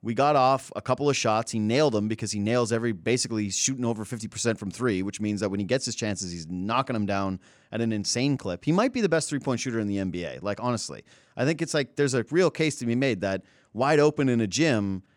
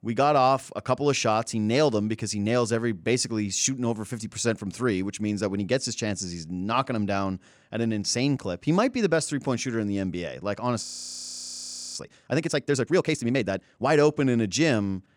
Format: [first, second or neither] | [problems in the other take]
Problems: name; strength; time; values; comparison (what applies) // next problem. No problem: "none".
first | audio freezing; at 11 s for 1 s